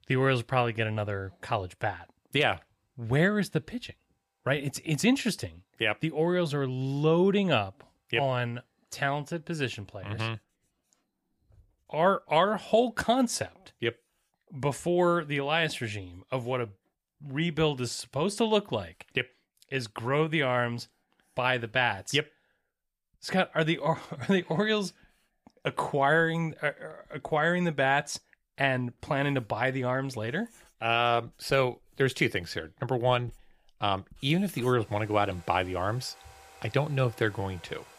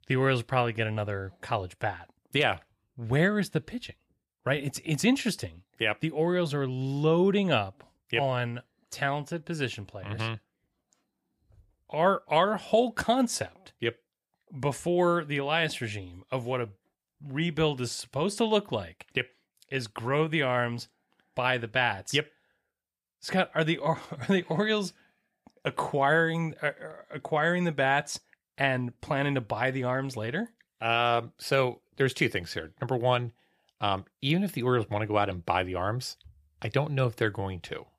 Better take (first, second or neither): second